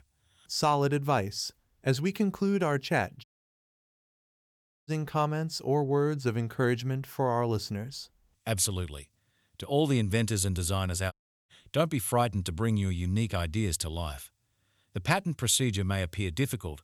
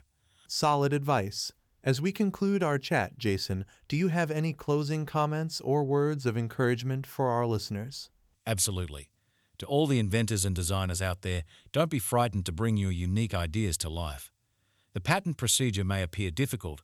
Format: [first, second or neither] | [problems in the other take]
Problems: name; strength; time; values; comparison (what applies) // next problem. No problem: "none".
second | audio cutting out; at 3 s for 1.5 s and at 11 s